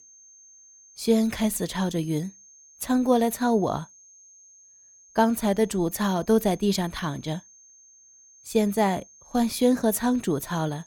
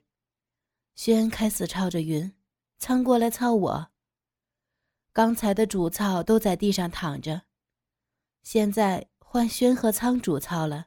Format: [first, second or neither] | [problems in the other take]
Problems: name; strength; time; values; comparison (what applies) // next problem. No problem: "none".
second | high-pitched whine; faint; throughout; 6.5 kHz, 25 dB below the speech